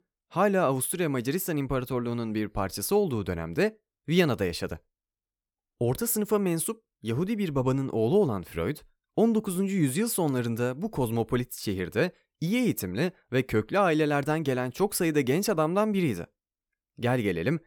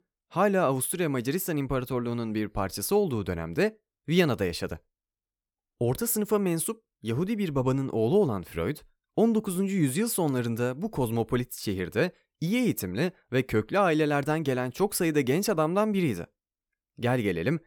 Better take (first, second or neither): neither